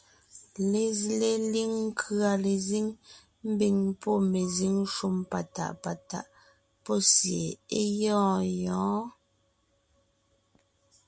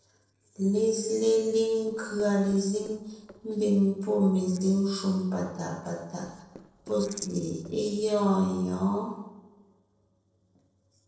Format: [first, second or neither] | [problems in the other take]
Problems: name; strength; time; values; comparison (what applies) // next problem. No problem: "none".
first | noise reduction (neural separator model SepFormer DNS4)